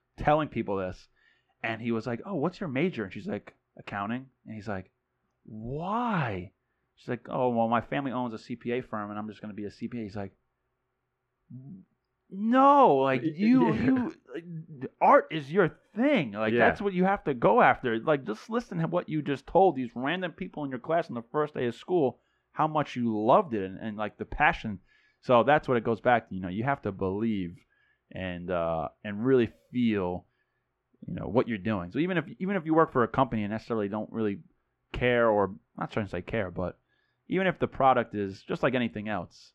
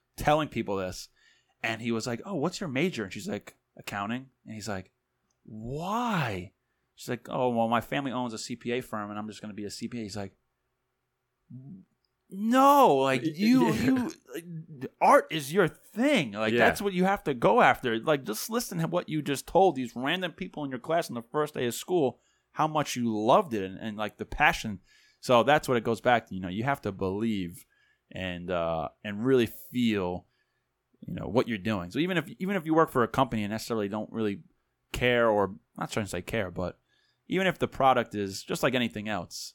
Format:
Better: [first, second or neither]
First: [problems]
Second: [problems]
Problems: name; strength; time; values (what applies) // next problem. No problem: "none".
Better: second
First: muffled; slightly; fading above 2.5 kHz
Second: none